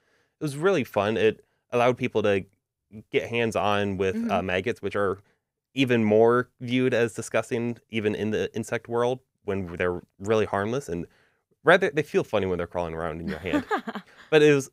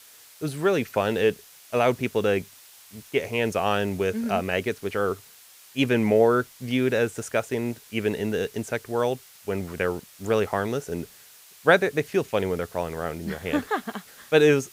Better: first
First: none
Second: hiss; faint; throughout; 20 dB below the speech

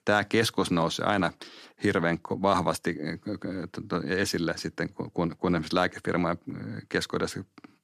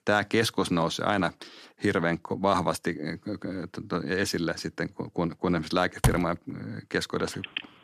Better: first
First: none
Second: door banging; loud; at 6 s; peak 1 dB above the speech // phone ringing; noticeable; at 7 s; peak 7 dB below the speech

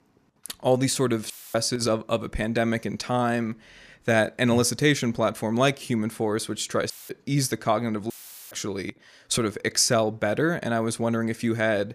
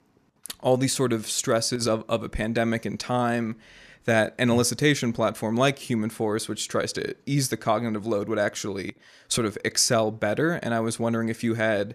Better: second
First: audio cutting out; filled with static; at 1.5 s, at 7 s and at 8 s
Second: none

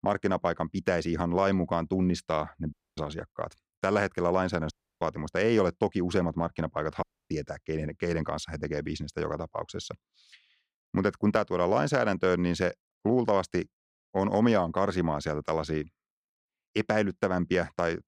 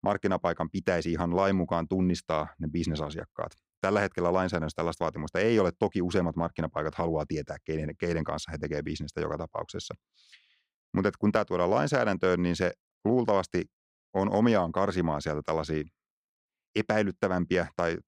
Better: second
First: audio cutting out; at 2.5 s, at 4.5 s and at 7 s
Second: none

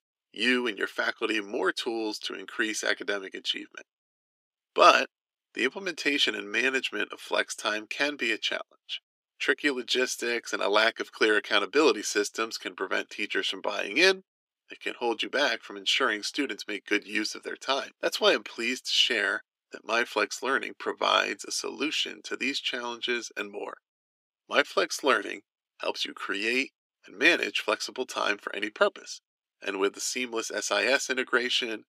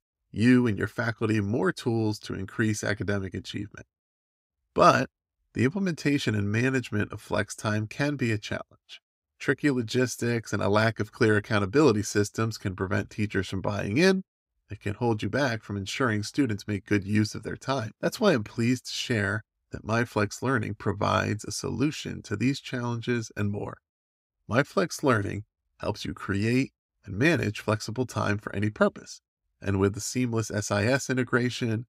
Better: second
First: thin; somewhat; fading below 350 Hz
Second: none

